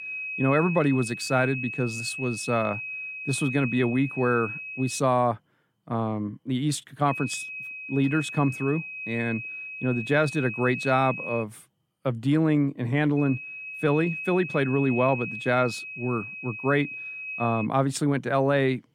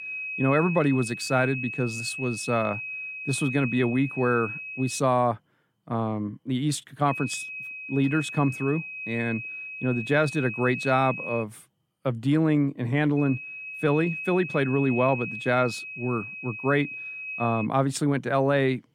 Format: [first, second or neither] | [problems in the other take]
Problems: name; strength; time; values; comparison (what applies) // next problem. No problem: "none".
neither | high-pitched whine; loud; until 5 s, from 7 to 11 s and from 13 to 18 s; 2.5 kHz, 8 dB below the speech; the same in both